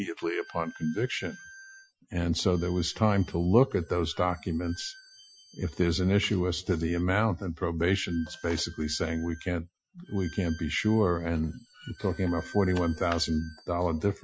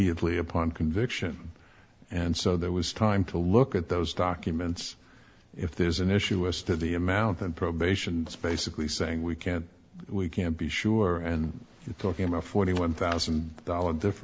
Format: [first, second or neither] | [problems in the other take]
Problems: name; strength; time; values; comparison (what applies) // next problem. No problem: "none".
second | noise reduction (classical method Wiener filter)